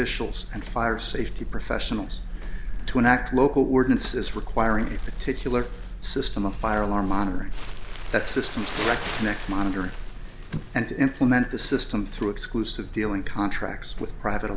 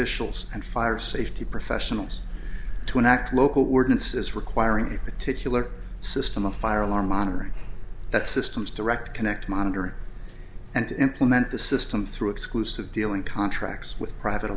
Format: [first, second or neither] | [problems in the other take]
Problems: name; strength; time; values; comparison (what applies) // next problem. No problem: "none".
second | background sound (Crumpling, crinkling); 16 dB below the speech